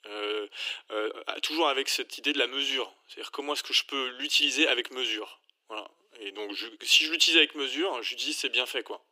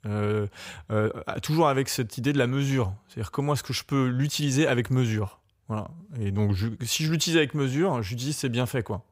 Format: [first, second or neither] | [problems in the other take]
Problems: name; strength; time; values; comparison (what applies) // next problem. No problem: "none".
second | thin; very; fading below 300 Hz